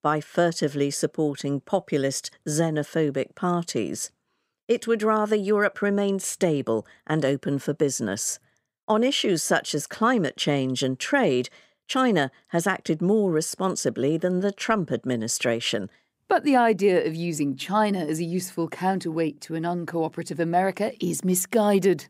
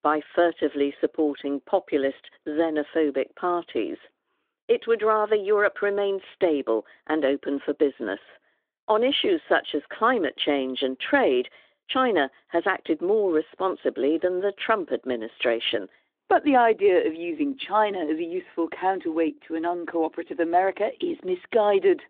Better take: first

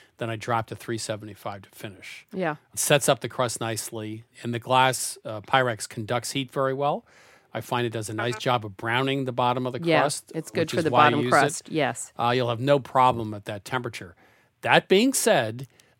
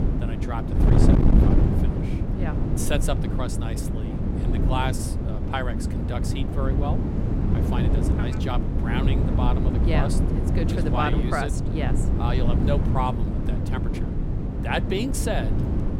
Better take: first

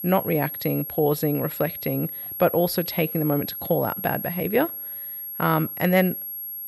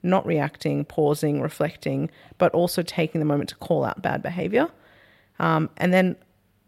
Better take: second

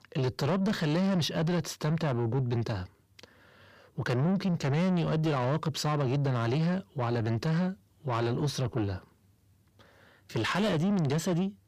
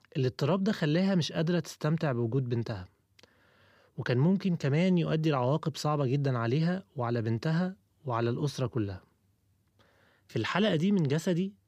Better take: second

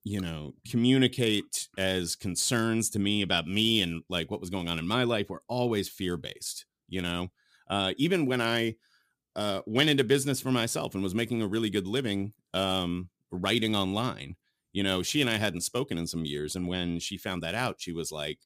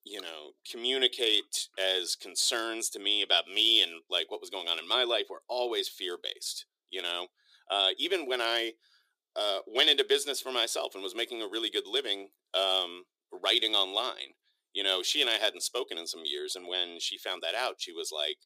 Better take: first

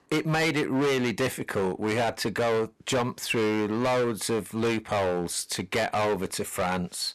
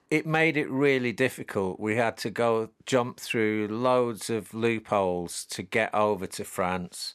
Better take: second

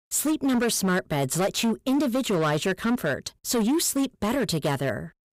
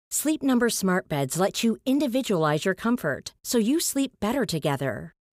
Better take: second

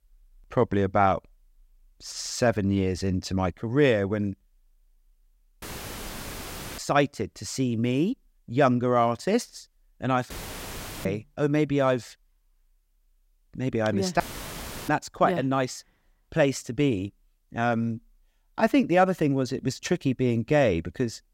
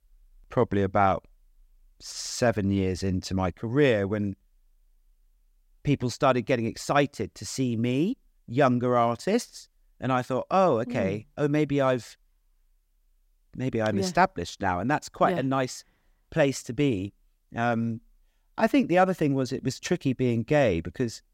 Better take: second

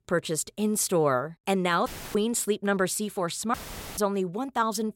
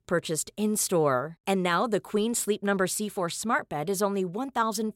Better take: second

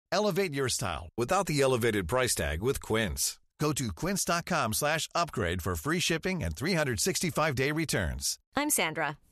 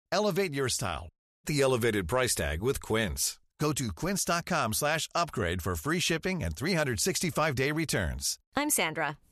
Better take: first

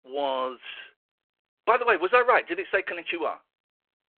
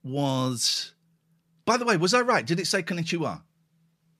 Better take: second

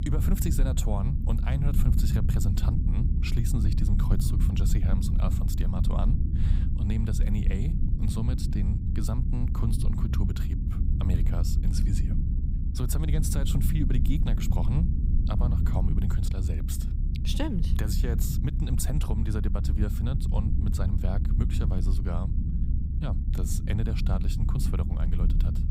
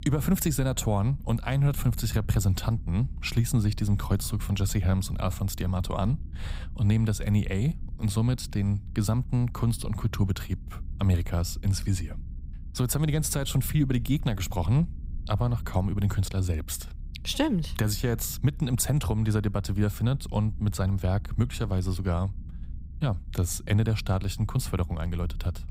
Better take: second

